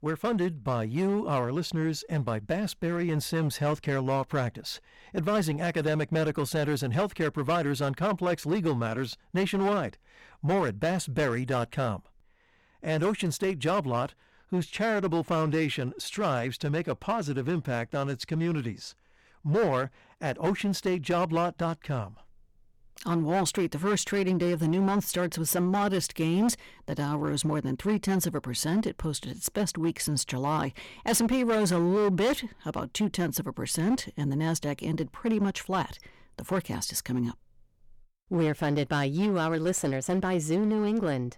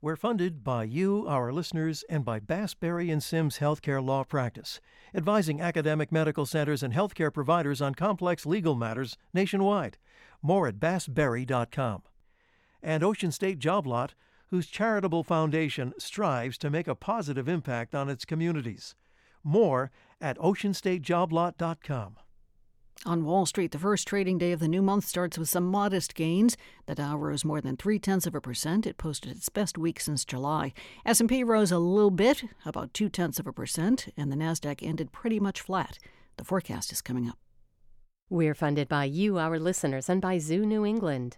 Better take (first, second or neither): second